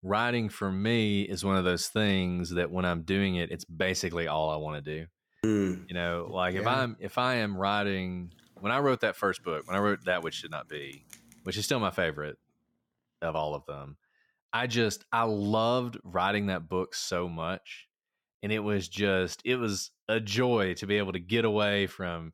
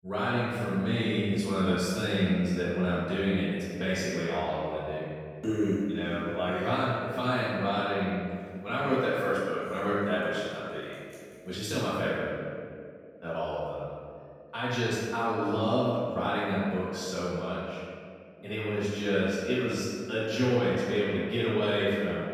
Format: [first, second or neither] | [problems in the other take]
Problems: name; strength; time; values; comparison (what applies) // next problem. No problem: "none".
first | off-mic speech; far // room echo; strong; dies away in 1.9 s